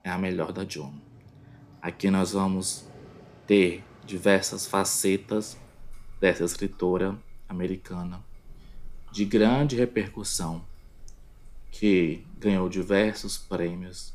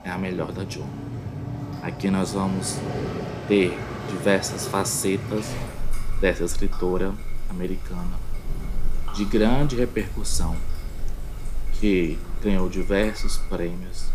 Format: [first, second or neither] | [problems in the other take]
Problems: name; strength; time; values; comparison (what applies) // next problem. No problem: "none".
first | rain or running water; loud; throughout; 8 dB below the speech; faint in the first